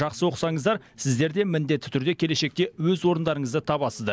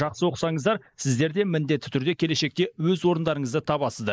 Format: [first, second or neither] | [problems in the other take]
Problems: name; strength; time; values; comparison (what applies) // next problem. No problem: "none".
first | noise reduction (neural mask model Resemble Enhance denoiser)